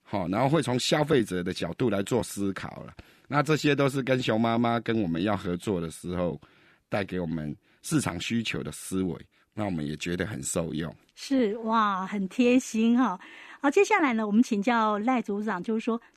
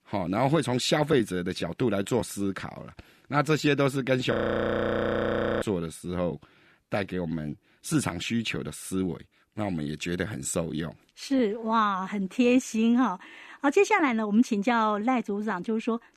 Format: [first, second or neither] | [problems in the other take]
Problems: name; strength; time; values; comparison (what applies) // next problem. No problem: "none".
first | audio freezing; at 4.5 s for 1.5 s